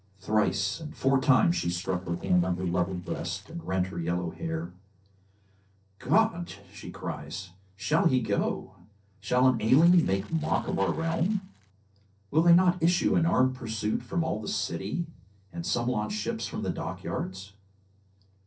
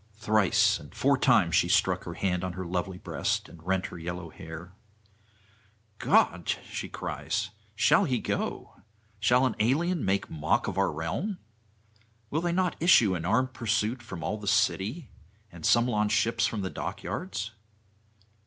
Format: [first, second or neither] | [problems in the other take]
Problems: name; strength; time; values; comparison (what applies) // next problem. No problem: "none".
second | noise reduction (neural separator model SepFormer DNS4)